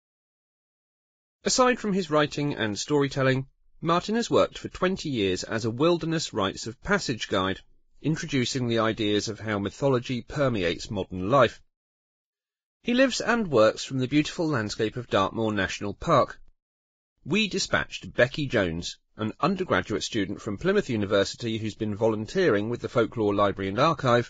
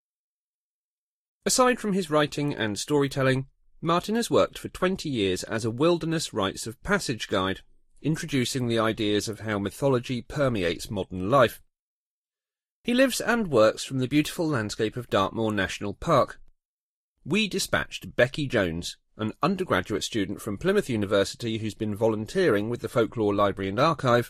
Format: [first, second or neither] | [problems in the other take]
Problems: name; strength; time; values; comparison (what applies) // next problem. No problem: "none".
second | garbled, watery; badly; nothing above 7.5 kHz; slightly in the second